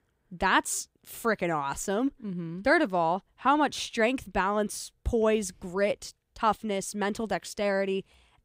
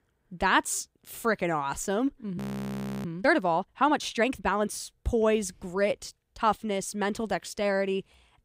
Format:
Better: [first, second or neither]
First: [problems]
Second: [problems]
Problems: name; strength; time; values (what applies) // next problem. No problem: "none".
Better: first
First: none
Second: audio freezing; at 2.5 s for 0.5 s